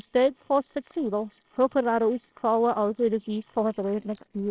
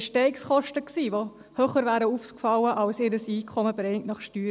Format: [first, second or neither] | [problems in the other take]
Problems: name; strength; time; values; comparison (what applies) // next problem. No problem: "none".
second | noise reduction (neural separator model SepFormer WHAMR!)